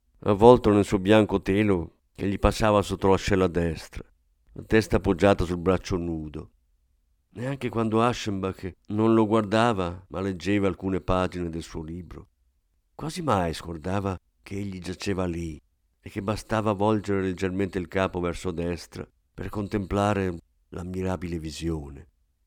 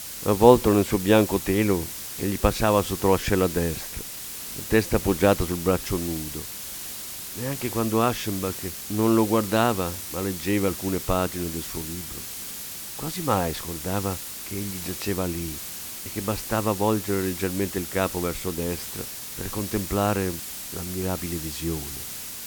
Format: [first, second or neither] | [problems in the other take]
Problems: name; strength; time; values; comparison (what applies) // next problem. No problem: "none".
first | hiss; loud; throughout; 8 dB below the speech